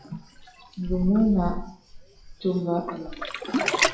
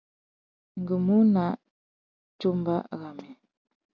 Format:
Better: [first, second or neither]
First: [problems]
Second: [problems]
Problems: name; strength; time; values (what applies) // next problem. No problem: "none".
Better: second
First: noise reduction (classical method WPE with log-MMSE)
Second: none